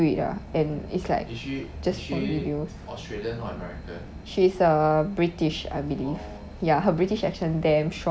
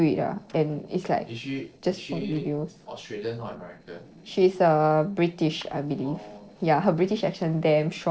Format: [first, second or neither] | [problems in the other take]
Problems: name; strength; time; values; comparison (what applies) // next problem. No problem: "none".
first | noise reduction (neural separator model SepFormer DNS4)